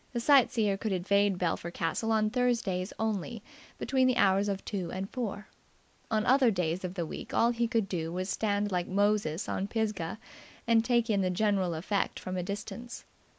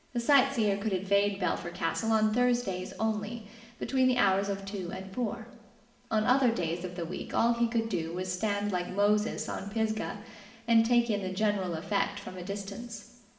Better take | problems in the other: first | room echo; dies away in 1.1 s

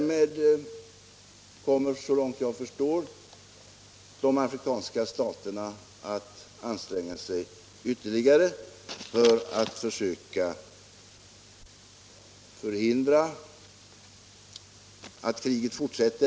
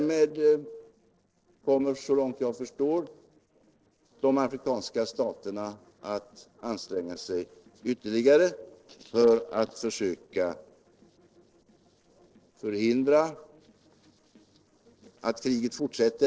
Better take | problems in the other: first | noise reduction (neural separator model SepFormer DNS4)

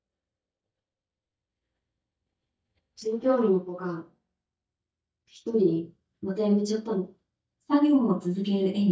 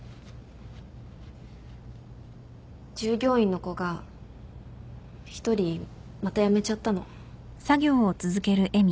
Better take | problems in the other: second | noise reduction (neural mask model DeepFilterNet 3)

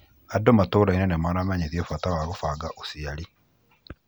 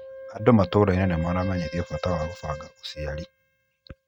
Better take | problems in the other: first | noise reduction (neural mask model RNNoise)

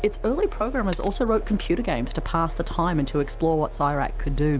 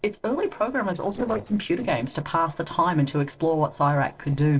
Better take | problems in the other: first | noise reduction (neural separator model SepFormer DNS4)

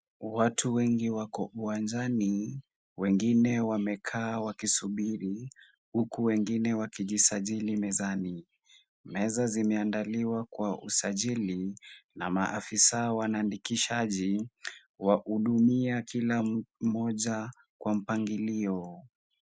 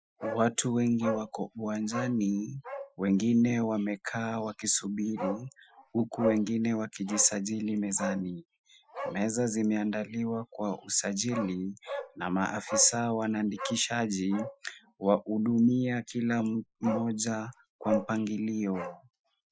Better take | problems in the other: first | noise reduction (classical method Wiener filter)

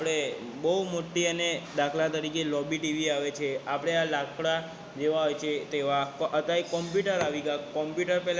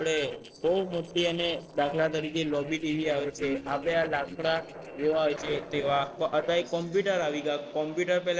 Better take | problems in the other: first | noise reduction (neural separator model SepFormer DNS4)

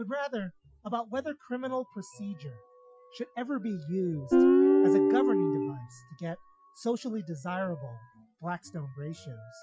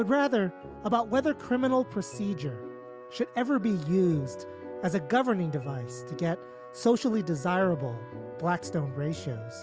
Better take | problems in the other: second | noise reduction (classical method Wiener filter)

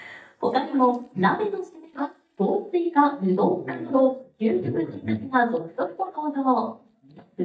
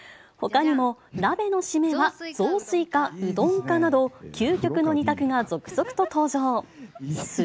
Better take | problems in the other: second | noise reduction (neural mask model DeepFilterNet 3)

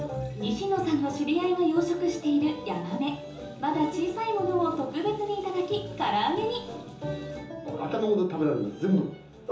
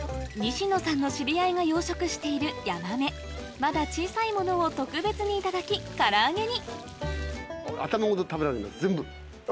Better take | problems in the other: second | background sound (Plucked string instrument); 18 dB below the speech // room echo; dies away in 1.2 s

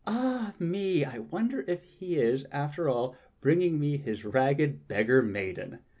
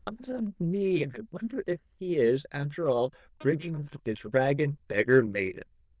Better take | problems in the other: first | noise reduction (neural diffusion model UNIVERSE++)

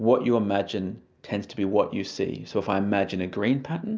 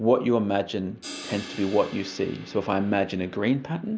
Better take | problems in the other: first | background sound (Crash cymbal); 17 dB below the speech

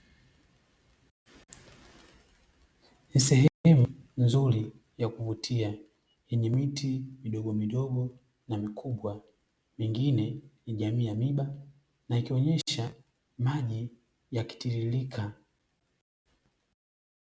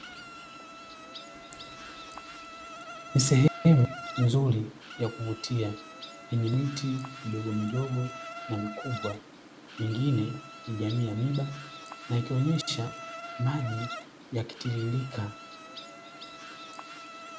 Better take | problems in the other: first | background sound (Insect); 13 dB below the speech

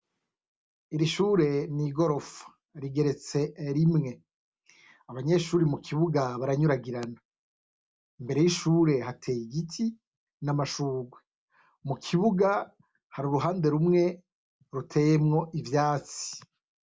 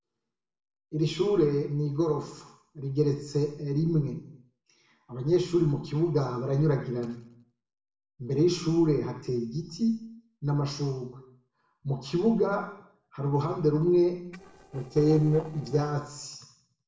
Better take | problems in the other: first | noise reduction (neural separator model SepFormer DNS4)

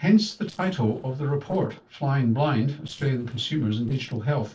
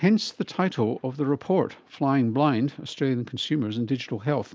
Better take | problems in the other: second | noise reduction (neural separator model SepFormer DNS4)

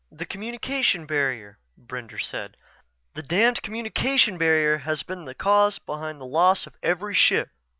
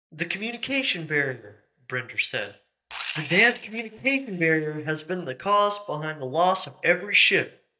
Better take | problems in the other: first | noise reduction (neural mask model DeepFilterNet 3)

